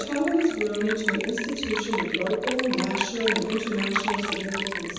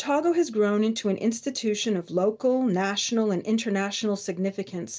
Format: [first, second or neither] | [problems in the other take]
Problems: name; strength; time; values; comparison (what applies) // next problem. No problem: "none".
second | background sound (Liquid); 4 dB below the speech // room echo; dies away in 1.1 s